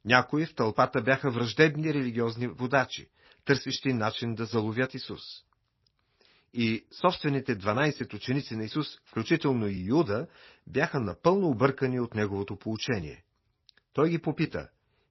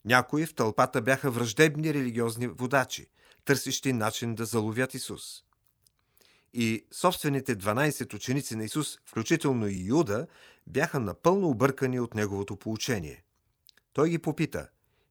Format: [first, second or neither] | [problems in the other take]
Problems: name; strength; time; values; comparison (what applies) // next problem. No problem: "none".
second | garbled, watery; slightly; nothing above 5.5 kHz